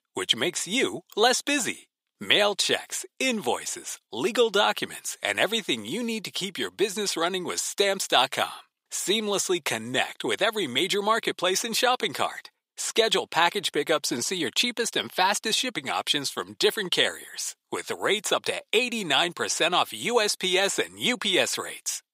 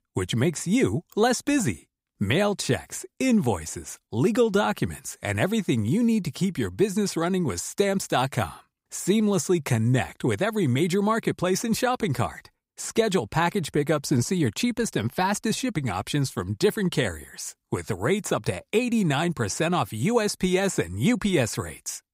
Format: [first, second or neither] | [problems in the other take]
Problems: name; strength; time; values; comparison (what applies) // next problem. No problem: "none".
second | thin; somewhat; fading below 450 Hz